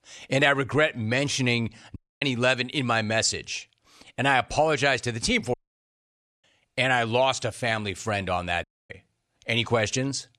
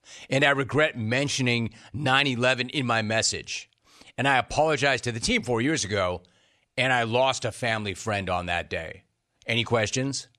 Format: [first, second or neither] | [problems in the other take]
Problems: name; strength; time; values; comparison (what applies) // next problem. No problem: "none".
second | audio cutting out; at 2 s, at 5.5 s for 1 s and at 8.5 s